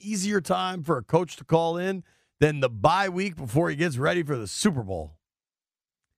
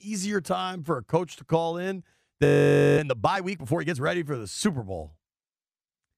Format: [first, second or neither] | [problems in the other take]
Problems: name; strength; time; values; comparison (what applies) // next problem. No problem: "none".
first | audio freezing; at 2.5 s for 0.5 s